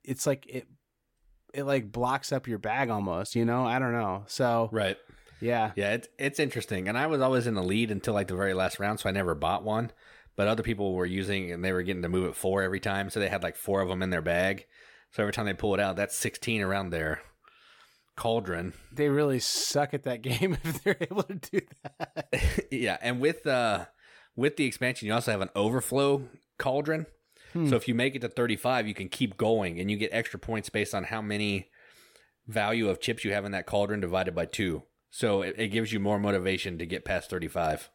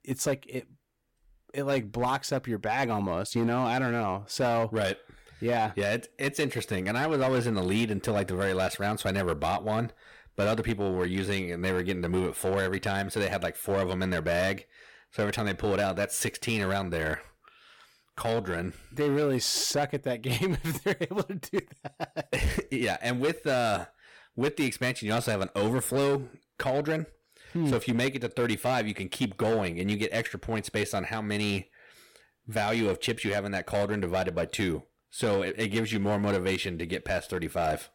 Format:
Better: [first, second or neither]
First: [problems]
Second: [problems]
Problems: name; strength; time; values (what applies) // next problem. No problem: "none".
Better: first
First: none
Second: distortion; slight; 7% of the sound clipped